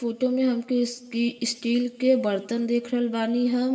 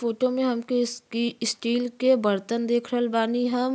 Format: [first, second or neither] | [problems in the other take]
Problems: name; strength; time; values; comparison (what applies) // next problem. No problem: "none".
second | room echo; dies away in 1.7 s